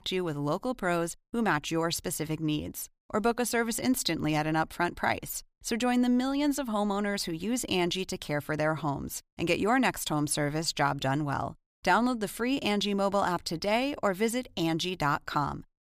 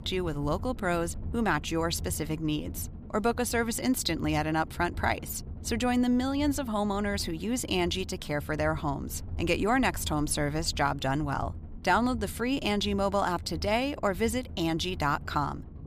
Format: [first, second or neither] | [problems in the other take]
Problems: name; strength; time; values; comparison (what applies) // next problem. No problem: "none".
first | low rumble; faint; throughout; 25 dB below the speech